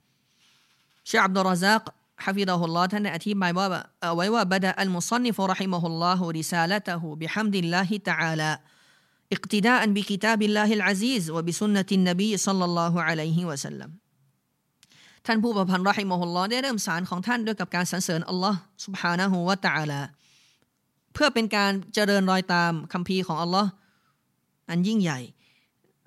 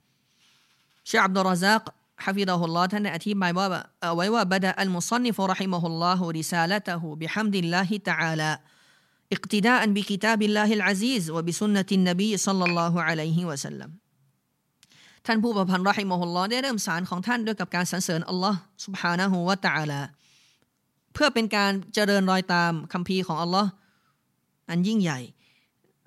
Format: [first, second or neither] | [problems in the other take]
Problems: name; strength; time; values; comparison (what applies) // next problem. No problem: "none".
first | clattering dishes; noticeable; at 13 s; peak 5 dB below the speech